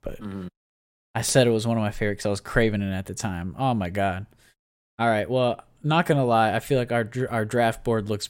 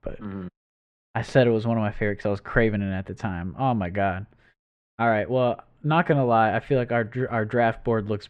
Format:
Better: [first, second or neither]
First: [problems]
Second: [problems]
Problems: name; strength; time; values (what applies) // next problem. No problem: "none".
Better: first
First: none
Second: muffled; very; fading above 2 kHz